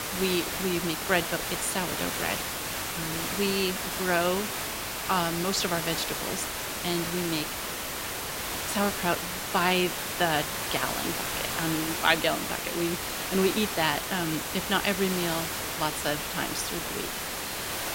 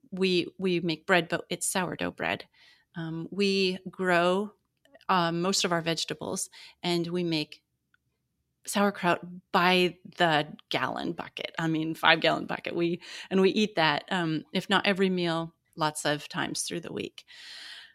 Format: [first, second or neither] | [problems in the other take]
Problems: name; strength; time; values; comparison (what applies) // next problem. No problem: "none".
second | hiss; loud; throughout; 1 dB below the speech